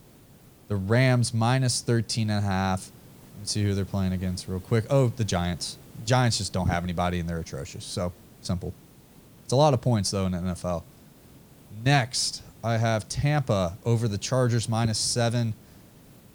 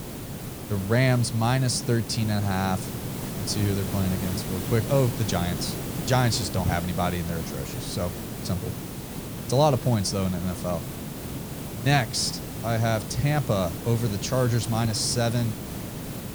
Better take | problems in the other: first | hiss; loud; throughout; 7 dB below the speech; faint in the first

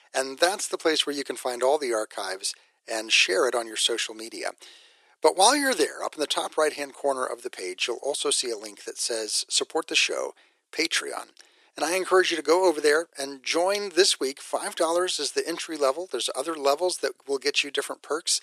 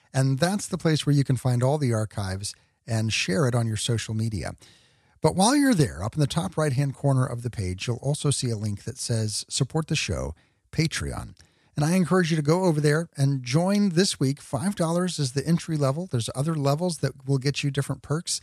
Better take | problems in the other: second | thin; very; fading below 350 Hz

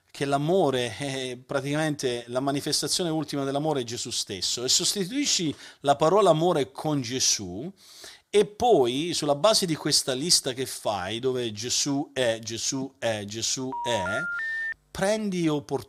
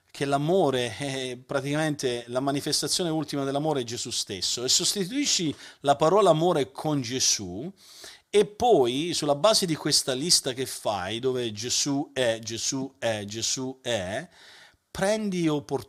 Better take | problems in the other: second | phone ringing; noticeable; from 14 to 15 s; peak 3 dB below the speech

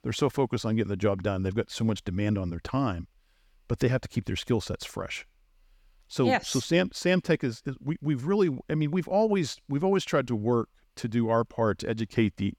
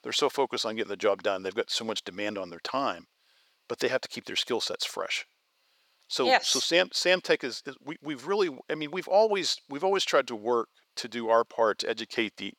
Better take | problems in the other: first | thin; very; fading below 550 Hz

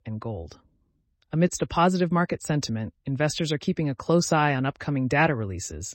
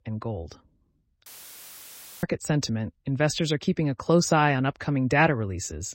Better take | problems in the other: first | audio cutting out; filled with static; at 1.5 s for 1 s

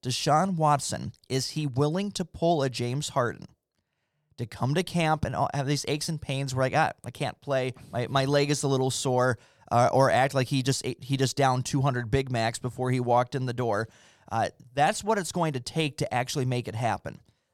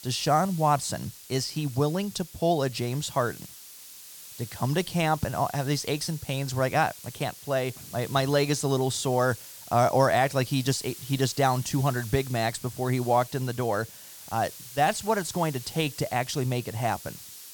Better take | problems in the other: first | hiss; noticeable; throughout; 15 dB below the speech

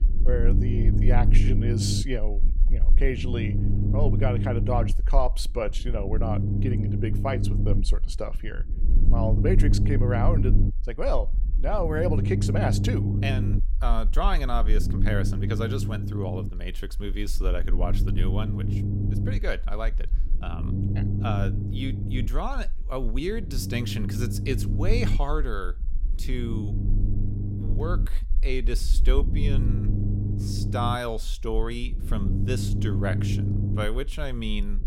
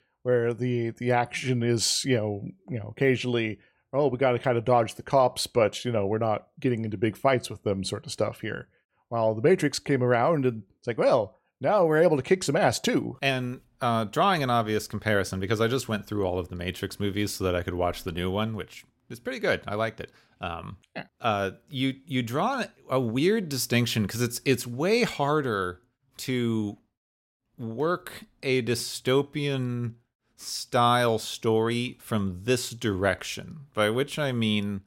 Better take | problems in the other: second | low rumble; loud; throughout; 6 dB below the speech

